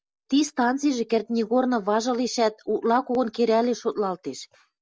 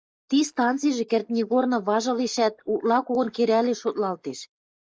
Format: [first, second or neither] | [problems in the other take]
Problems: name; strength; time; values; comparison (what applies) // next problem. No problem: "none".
first | noise reduction (neural mask model Resemble Enhance denoiser)